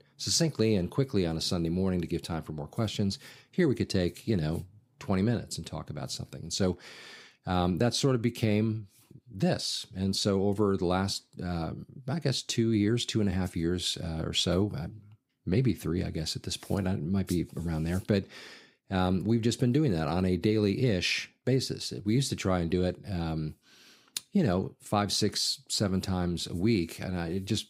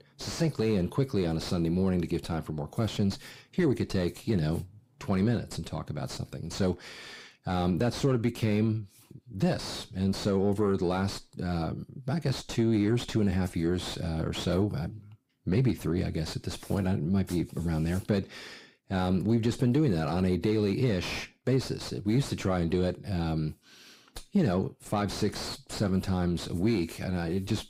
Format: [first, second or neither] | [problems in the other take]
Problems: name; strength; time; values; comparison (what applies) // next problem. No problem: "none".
first | distortion; slight; 8 dB below the speech